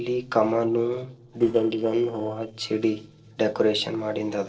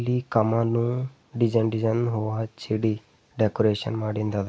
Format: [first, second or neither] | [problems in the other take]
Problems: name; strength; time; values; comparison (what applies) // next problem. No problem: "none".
second | noise reduction (neural separator model SepFormer DNS4)